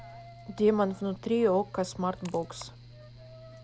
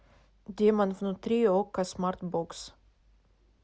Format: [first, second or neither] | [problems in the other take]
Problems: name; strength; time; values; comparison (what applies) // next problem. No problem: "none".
second | background sound (Coin (dropping) + Mechanical fan); 18 dB below the speech